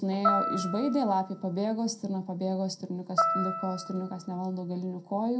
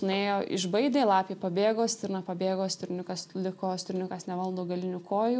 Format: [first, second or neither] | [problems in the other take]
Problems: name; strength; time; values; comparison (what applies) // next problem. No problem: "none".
second | background sound (Piano); 2 dB below the speech // room echo; dies away in 0.2 s